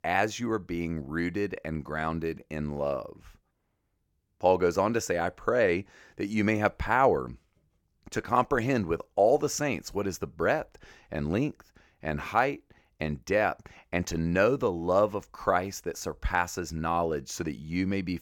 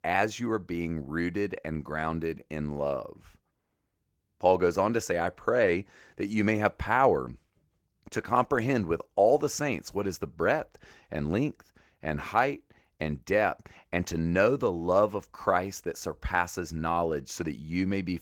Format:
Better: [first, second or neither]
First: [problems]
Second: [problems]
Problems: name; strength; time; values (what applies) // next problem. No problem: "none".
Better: first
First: none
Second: garbled, watery; slightly; nothing above 16.5 kHz